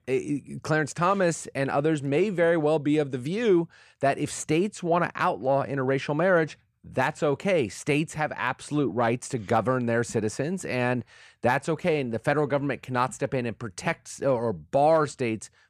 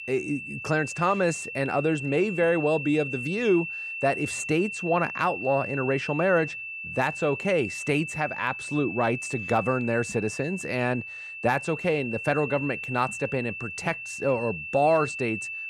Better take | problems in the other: first | high-pitched whine; loud; throughout; 2.5 kHz, 7 dB below the speech

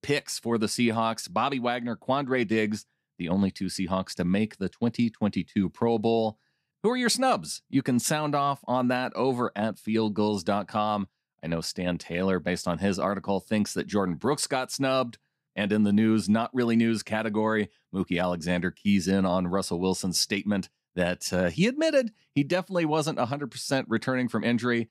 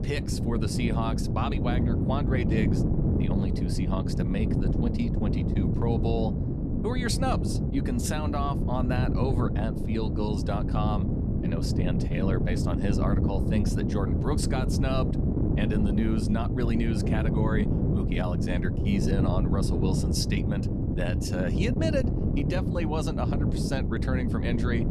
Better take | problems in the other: first | wind noise on the microphone; heavy; 2 dB below the speech

